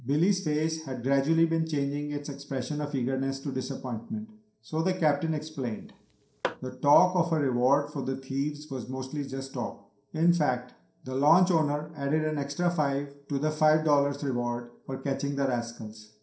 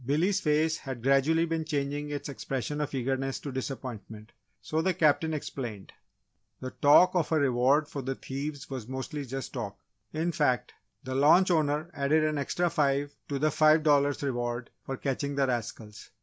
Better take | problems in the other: second | noise reduction (neural separator model SepFormer DNS4)

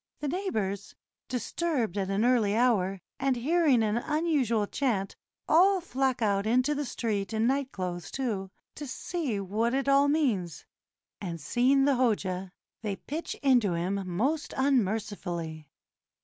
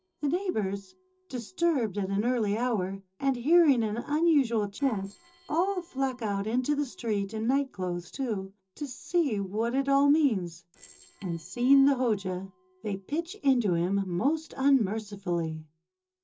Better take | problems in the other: first | noise reduction (neural separator model SepFormer DNS4)

